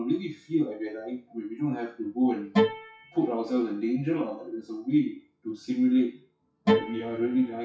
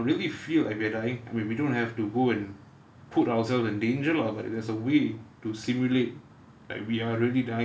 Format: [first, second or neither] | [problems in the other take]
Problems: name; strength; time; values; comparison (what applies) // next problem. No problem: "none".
second | noise reduction (classical method WPE with log-MMSE)